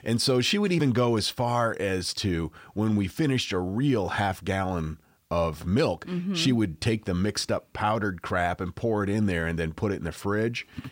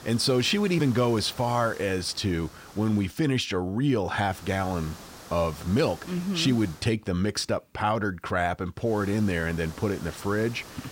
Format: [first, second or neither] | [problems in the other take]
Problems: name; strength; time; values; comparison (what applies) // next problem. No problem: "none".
first | hiss; noticeable; until 3 s, from 4.5 to 7 s and from 9 s on; 20 dB below the speech